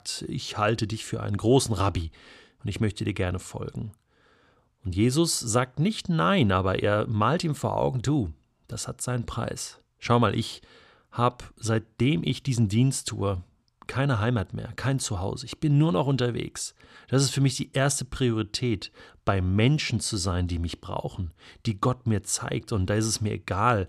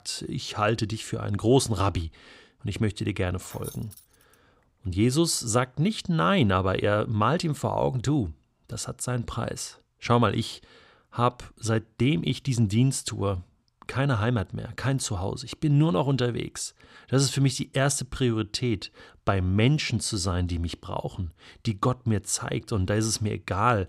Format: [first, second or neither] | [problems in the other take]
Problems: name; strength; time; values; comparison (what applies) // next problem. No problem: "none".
first | jangling keys; faint; at 3.5 s; peak 15 dB below the speech